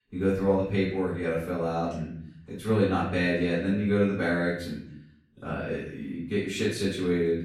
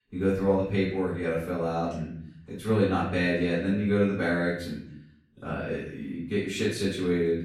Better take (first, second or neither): neither